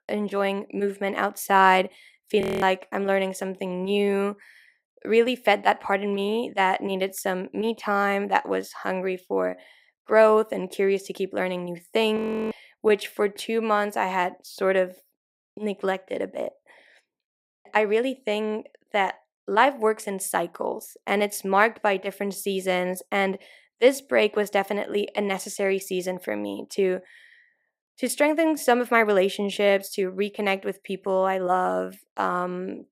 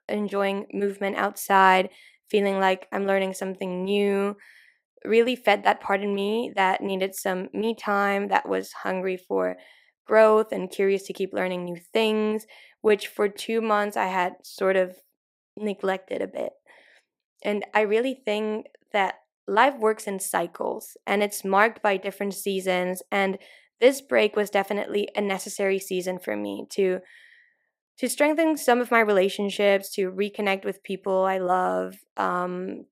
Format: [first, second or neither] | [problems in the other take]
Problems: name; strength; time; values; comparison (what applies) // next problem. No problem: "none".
second | audio freezing; at 2.5 s, at 12 s and at 17 s